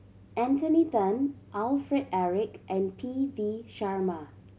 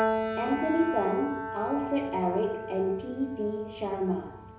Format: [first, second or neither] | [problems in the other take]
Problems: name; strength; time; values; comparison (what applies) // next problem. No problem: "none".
first | background sound (Piano); 5 dB below the speech // room echo; dies away in 0.7 s